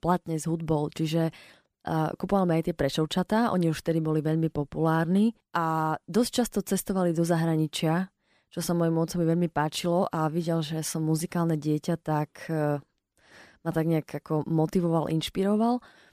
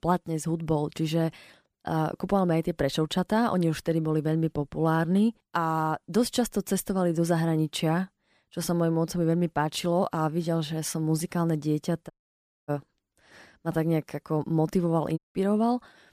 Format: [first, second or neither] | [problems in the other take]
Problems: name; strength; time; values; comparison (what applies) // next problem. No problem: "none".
first | audio cutting out; at 12 s for 0.5 s and at 15 s